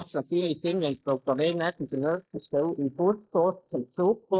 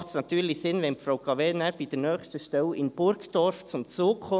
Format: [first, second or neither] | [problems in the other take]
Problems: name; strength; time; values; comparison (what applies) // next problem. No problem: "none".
second | noise reduction (neural mask model Resemble Enhance denoiser)